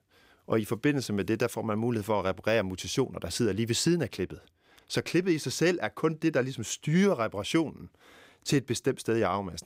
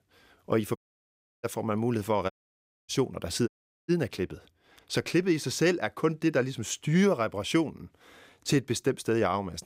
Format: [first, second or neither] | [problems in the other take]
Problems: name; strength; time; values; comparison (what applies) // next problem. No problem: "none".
first | audio cutting out; at 1 s for 0.5 s, at 2.5 s for 0.5 s and at 3.5 s